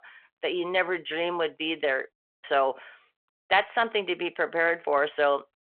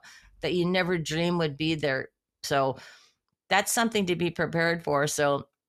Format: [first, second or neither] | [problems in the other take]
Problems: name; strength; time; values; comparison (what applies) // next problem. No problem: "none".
second | phone-call audio